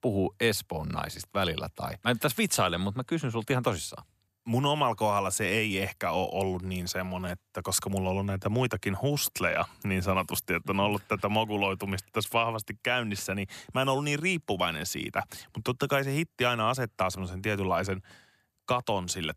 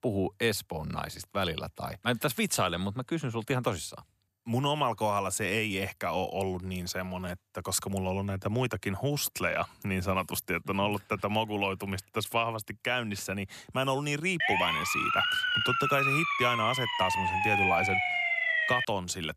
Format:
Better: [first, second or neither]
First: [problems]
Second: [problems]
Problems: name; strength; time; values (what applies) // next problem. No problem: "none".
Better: first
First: none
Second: siren; loud; from 14 to 19 s; peak 6 dB above the speech